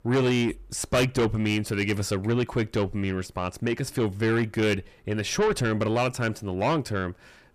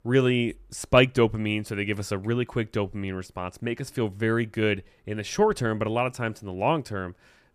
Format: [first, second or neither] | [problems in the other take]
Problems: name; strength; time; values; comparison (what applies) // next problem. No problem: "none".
second | distortion; heavy; 6 dB below the speech